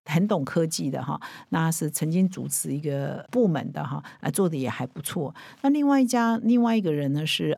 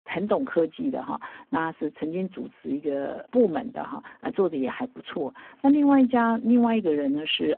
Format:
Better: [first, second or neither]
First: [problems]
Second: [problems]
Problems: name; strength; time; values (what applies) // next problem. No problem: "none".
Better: first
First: none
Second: phone-call audio; poor line; nothing above 3 kHz